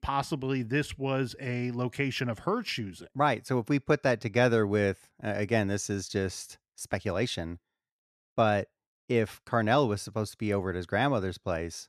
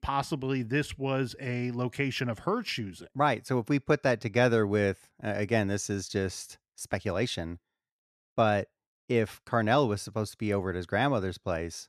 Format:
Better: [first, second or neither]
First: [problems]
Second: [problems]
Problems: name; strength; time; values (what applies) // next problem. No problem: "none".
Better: neither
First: none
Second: none